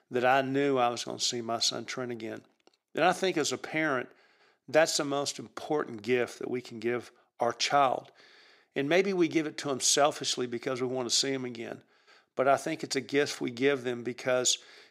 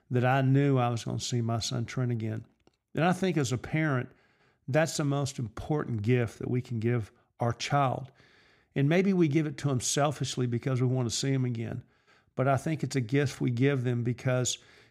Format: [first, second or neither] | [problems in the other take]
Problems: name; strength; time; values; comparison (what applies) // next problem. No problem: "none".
second | thin; somewhat; fading below 400 Hz